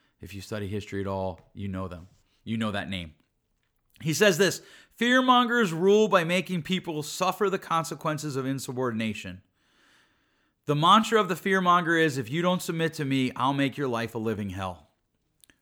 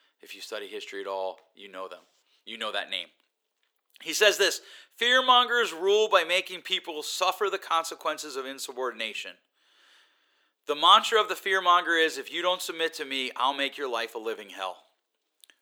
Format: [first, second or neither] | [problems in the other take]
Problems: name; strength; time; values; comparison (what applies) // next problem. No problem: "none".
first | thin; very; fading below 400 Hz